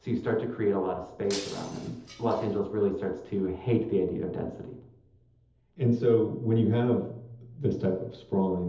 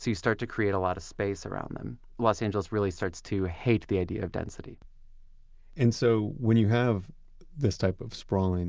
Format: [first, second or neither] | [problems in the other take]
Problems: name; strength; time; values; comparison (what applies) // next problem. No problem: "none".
second | background sound (Shatter); 14 dB below the speech // room echo; dies away in 0.8 s